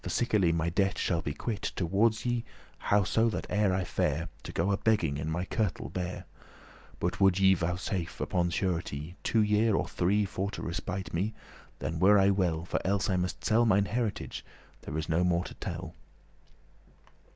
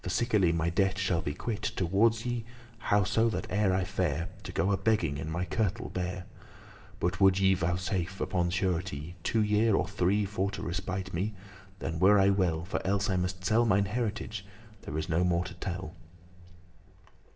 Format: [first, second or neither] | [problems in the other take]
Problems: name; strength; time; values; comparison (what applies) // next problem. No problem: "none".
first | room echo; dies away in 2.8 s